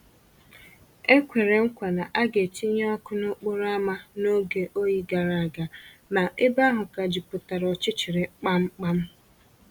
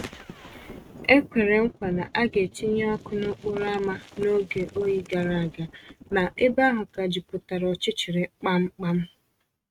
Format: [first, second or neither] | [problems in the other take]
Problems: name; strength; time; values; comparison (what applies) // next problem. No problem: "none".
first | noise reduction (neural mask model RNNoise)